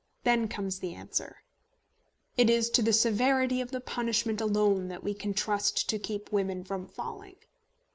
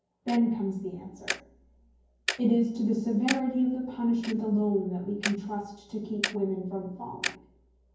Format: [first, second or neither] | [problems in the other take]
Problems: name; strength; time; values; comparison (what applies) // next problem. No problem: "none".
first | background sound (Tick-tock); 10 dB below the speech // room echo; dies away in 0.9 s